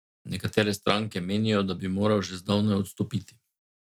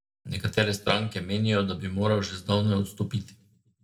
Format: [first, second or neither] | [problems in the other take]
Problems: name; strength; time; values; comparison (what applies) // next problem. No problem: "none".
first | room echo; dies away in 0.4 s